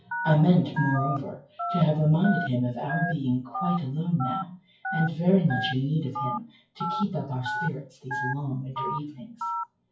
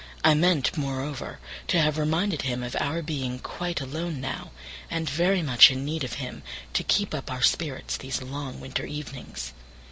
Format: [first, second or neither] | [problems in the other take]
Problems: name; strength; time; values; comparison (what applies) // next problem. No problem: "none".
second | noise reduction (classical method WPE with log-MMSE)